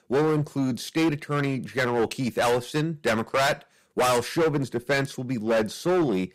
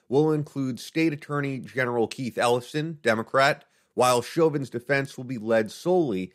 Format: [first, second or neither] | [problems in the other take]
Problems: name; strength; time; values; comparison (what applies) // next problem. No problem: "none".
second | distortion; heavy; 14% of the sound clipped